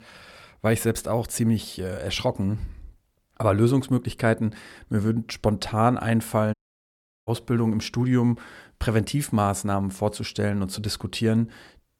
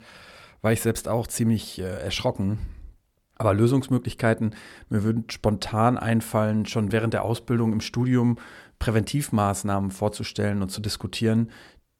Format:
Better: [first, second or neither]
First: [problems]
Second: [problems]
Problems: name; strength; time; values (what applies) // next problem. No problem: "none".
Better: second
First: audio cutting out; at 6.5 s for 0.5 s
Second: none